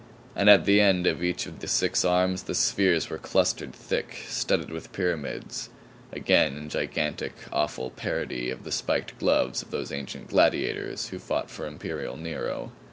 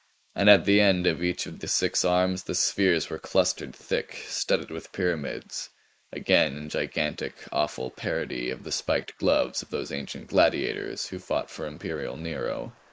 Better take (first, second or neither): first